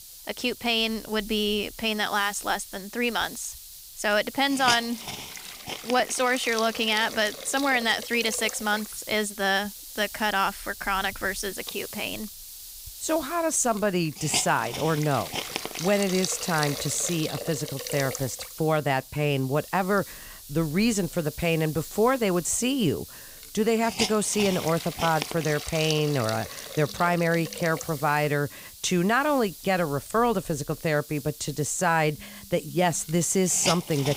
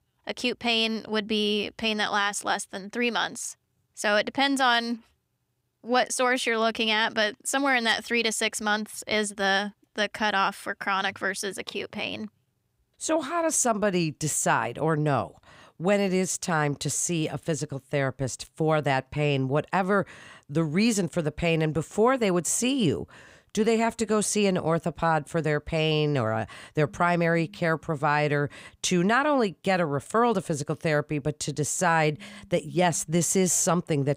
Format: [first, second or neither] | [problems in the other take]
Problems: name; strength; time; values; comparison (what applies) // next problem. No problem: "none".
second | hiss; loud; throughout; 10 dB below the speech